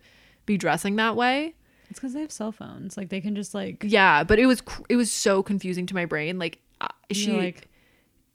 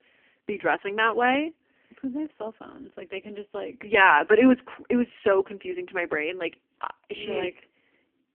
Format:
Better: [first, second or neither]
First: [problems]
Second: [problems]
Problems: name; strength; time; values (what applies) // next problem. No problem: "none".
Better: first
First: none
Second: phone-call audio; poor line; nothing above 3 kHz